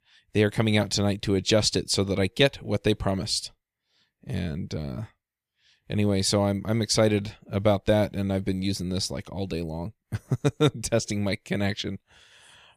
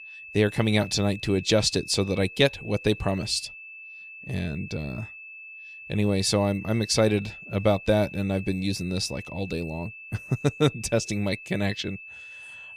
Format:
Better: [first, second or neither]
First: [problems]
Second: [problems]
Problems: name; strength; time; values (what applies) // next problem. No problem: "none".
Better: first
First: none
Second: high-pitched whine; noticeable; throughout; 2.5 kHz, 15 dB below the speech